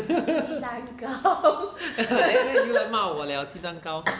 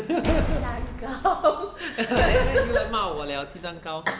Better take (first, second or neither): first